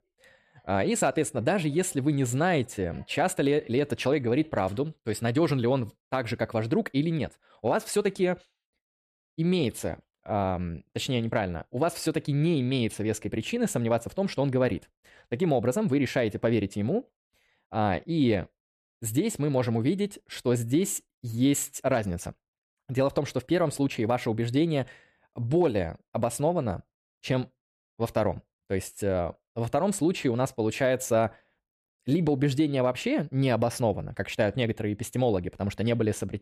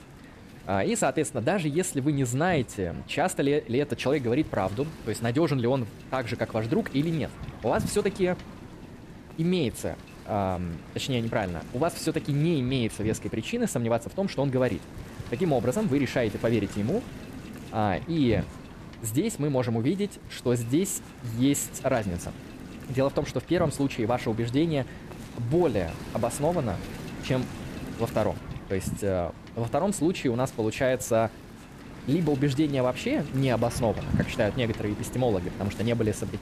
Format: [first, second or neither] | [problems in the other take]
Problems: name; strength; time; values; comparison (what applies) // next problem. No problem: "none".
first | wind noise on the microphone; occasional gusts; 15 dB below the speech